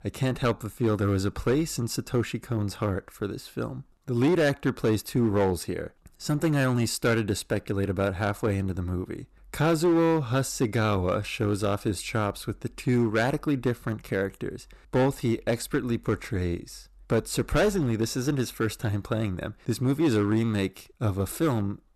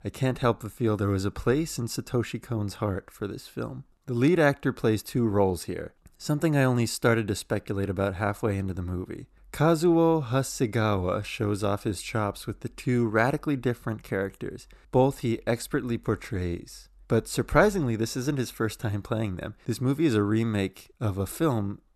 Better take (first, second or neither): second